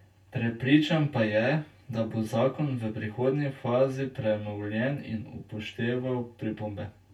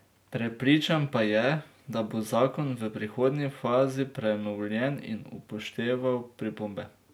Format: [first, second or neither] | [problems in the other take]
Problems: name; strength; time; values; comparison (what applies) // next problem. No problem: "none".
second | room echo; dies away in 0.1 s